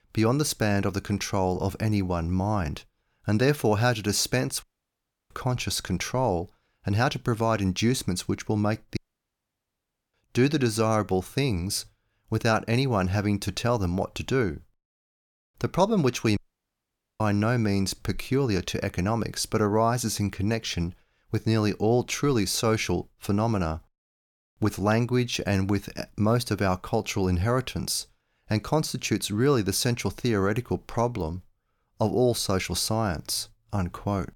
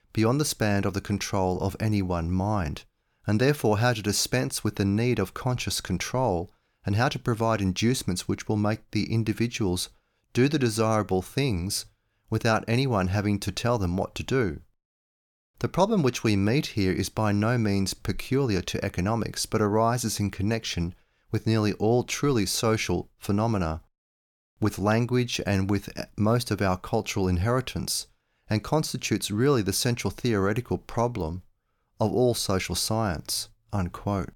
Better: second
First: audio cutting out; at 4.5 s for 0.5 s, at 9 s for 1 s and at 16 s for 1 s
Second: none

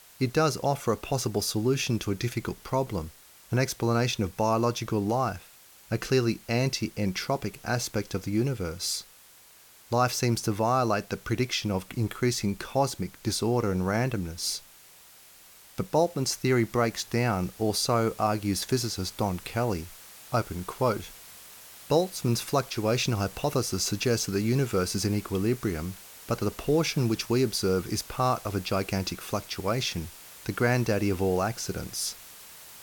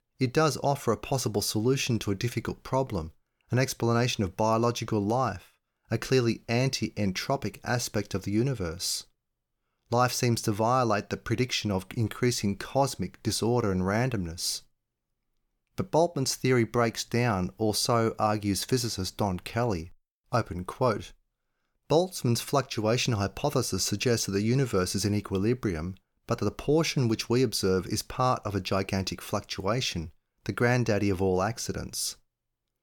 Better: second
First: hiss; noticeable; throughout; 20 dB below the speech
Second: none

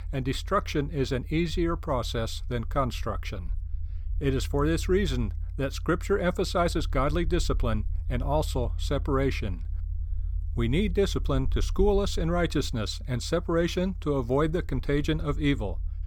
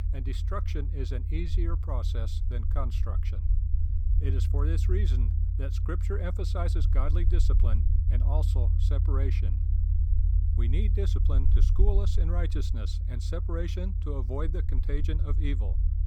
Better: first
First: low rumble; faint; throughout; 25 dB below the speech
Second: low rumble; loud; throughout; 6 dB below the speech

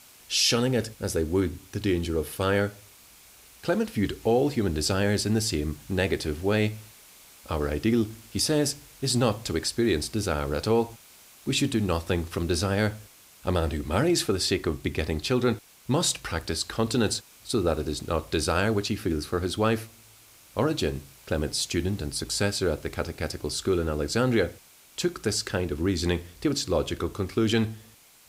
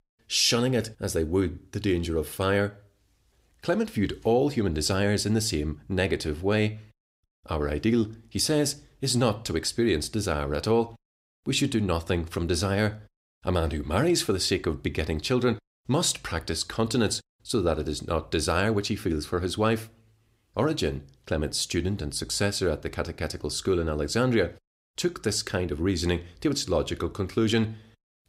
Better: second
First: hiss; faint; throughout; 25 dB below the speech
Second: none

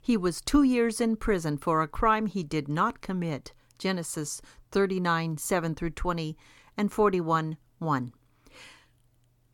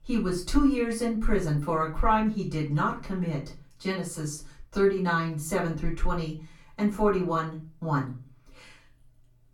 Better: first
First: none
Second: room echo; slight; dies away in 0.3 s // off-mic speech; far

